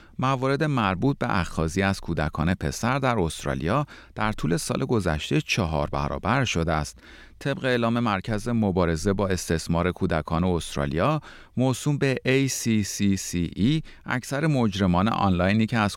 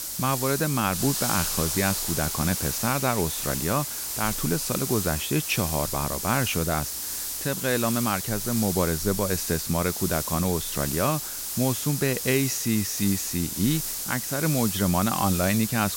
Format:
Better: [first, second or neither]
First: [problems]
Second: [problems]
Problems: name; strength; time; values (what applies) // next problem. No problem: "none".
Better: first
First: none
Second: hiss; loud; throughout; 2 dB below the speech